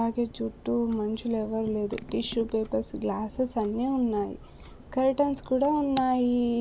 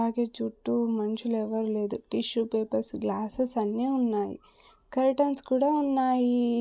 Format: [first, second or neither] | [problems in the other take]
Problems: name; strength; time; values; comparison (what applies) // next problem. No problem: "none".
second | background sound (Clock); 18 dB below the speech